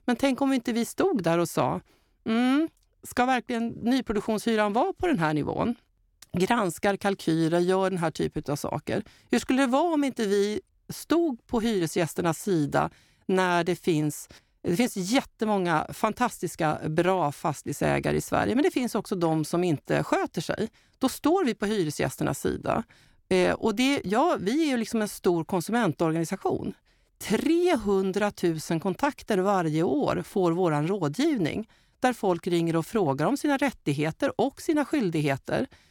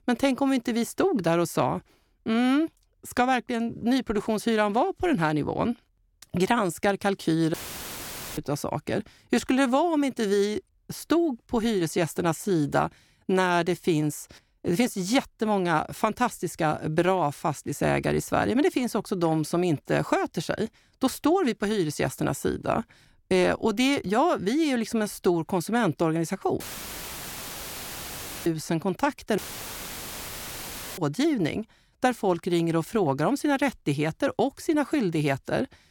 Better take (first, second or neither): first